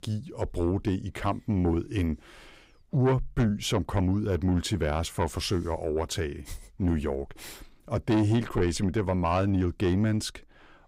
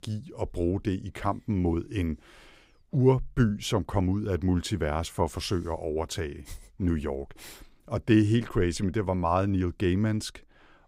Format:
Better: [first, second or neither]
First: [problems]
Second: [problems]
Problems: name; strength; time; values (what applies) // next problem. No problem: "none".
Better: second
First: distortion; slight; 10 dB below the speech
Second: none